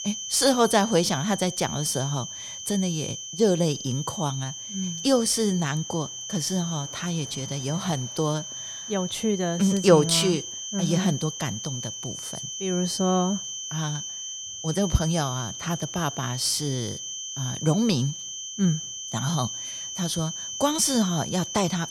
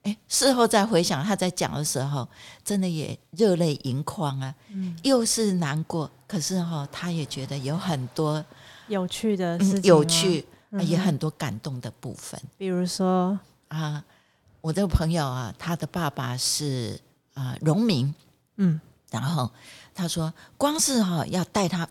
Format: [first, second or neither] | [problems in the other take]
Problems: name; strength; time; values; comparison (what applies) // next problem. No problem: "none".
second | high-pitched whine; loud; throughout; 3 kHz, 7 dB below the speech